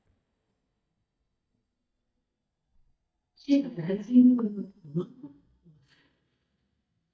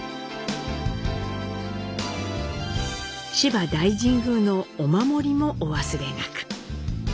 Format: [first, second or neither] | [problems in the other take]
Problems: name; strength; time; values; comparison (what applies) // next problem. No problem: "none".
second | noise reduction (neural mask model DeepFilterNet 3)